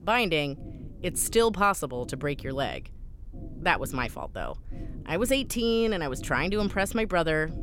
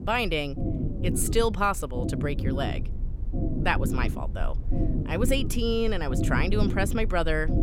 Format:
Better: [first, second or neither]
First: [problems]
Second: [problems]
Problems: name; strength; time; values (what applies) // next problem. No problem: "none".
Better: first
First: low rumble; faint; throughout; 25 dB below the speech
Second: low rumble; loud; throughout; 10 dB below the speech